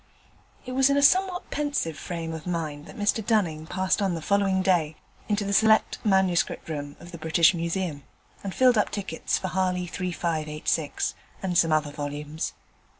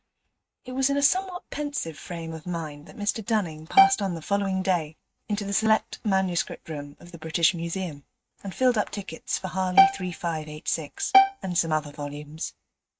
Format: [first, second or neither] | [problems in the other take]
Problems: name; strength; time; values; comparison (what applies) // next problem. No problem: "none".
first | noise reduction (neural mask model RNNoise)